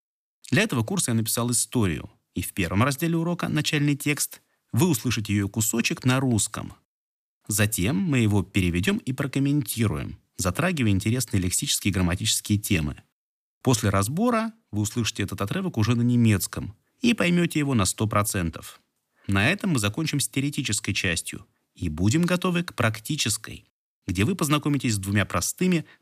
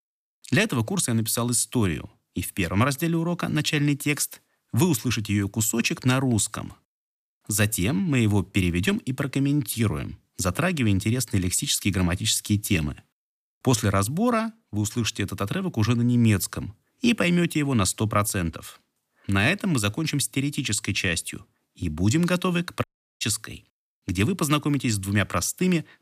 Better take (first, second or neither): first